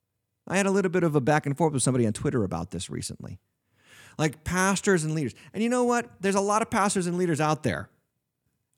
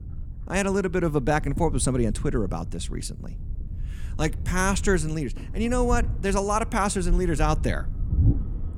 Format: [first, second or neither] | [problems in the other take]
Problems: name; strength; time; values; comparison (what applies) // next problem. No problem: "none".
first | low rumble; noticeable; throughout; 20 dB below the speech